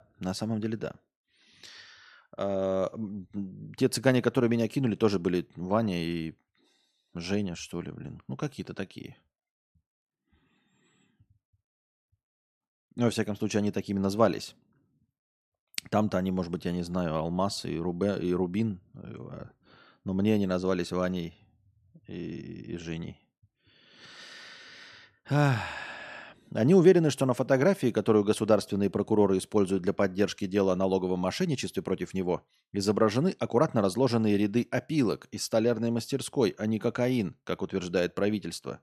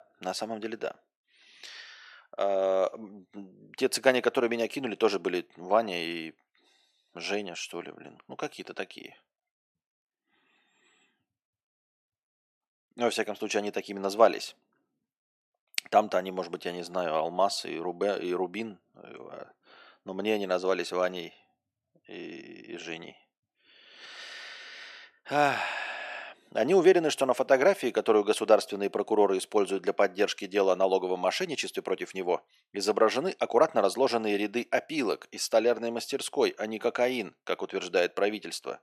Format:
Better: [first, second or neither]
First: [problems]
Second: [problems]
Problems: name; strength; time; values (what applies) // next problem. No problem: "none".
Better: first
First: none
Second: thin; somewhat; fading below 450 Hz